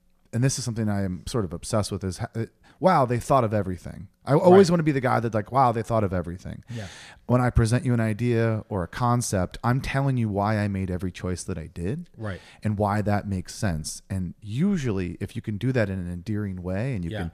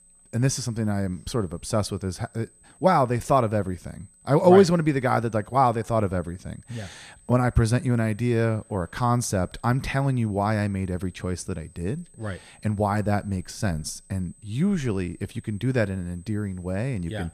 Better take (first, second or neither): first